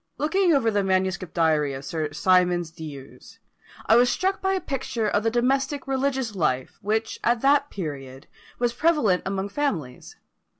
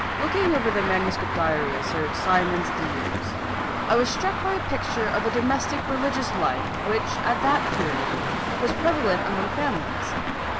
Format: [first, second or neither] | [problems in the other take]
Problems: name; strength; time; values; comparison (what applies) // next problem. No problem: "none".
first | background sound (Traffic noise, roadway noise); as loud as the speech